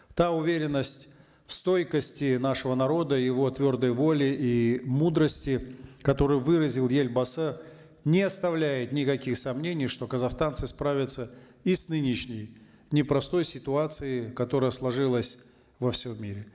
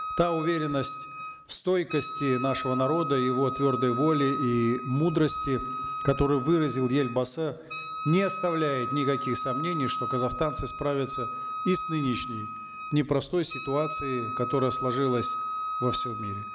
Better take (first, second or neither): first